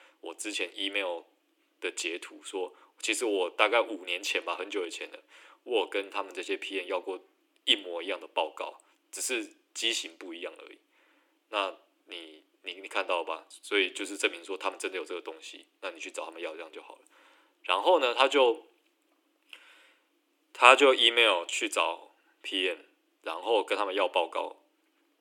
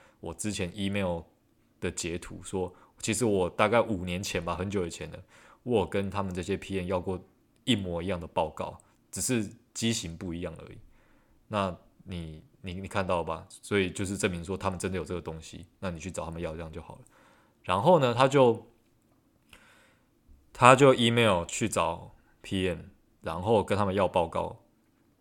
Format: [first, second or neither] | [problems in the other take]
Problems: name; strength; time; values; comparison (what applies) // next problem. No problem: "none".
second | thin; somewhat; fading below 300 Hz